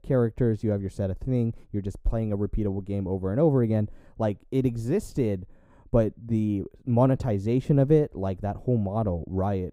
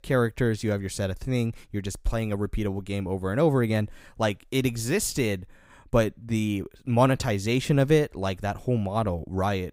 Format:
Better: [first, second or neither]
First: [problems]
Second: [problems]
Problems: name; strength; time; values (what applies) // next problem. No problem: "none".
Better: second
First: muffled; very; fading above 1 kHz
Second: none